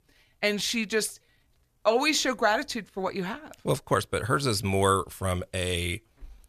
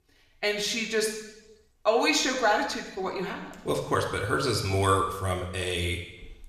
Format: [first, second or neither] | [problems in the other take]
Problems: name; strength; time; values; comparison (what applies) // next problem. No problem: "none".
first | room echo; noticeable; dies away in 0.9 s // off-mic speech; somewhat distant